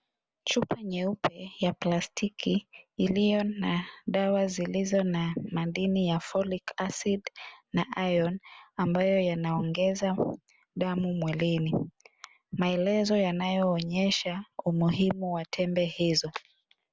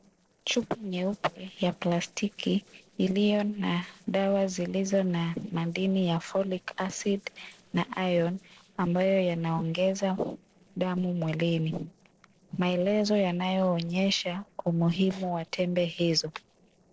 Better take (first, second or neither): first